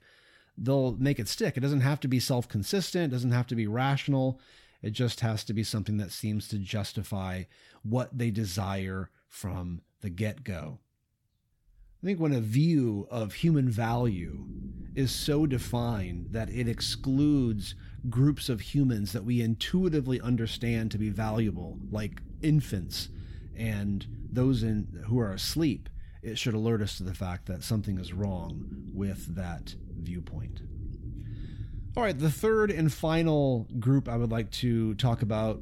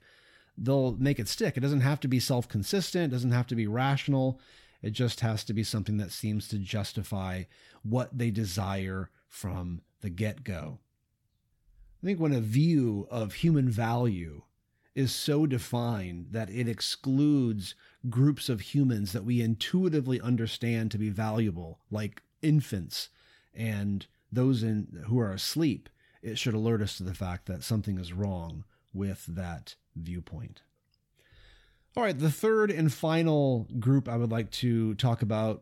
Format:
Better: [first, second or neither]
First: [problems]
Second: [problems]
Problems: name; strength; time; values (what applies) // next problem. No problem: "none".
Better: second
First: low rumble; faint; from 14 s on; 20 dB below the speech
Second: none